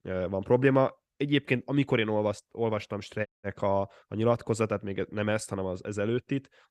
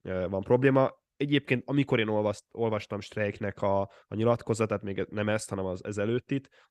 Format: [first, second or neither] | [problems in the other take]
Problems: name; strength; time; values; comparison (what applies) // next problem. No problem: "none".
second | audio cutting out; at 3.5 s